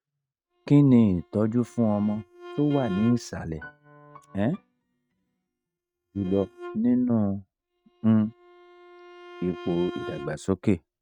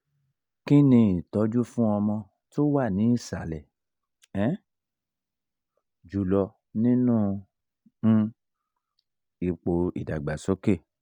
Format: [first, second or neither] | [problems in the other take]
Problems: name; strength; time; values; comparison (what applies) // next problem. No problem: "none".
second | noise reduction (neural mask model RNNoise)